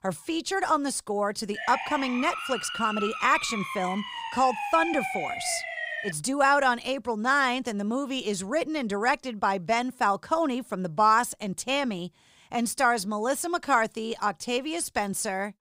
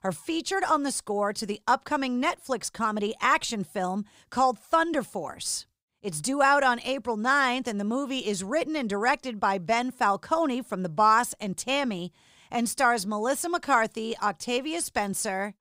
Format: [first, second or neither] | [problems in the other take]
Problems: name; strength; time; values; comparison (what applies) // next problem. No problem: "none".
second | siren; noticeable; from 1.5 to 6 s; peak 3 dB below the speech